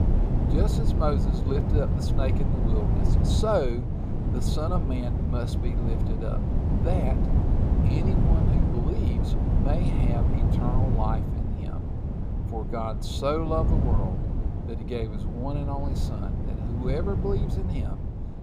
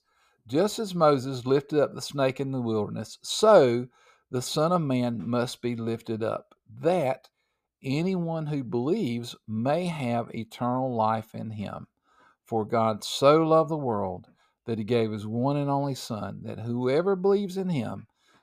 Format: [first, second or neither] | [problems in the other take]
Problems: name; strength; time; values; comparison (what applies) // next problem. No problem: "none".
second | wind noise on the microphone; heavy; 3 dB below the speech